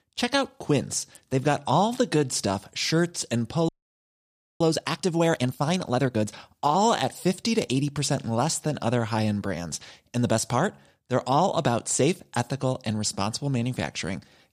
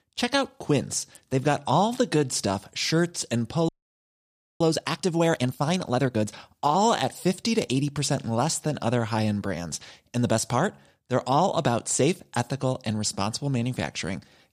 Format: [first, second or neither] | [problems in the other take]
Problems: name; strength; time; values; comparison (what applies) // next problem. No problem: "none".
neither | audio freezing; at 3.5 s for 1 s; the same in both